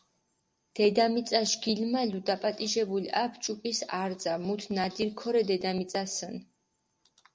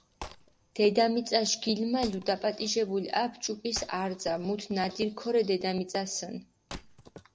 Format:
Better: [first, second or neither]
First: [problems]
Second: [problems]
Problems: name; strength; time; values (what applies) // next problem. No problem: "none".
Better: first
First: none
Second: background sound (Wood); 20 dB below the speech